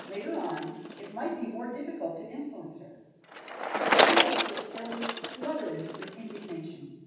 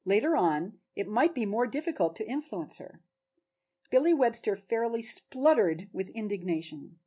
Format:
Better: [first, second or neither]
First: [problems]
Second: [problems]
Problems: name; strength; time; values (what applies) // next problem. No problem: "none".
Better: second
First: background sound (Bicycle); 4 dB above the speech // room echo; dies away in 1.2 s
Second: none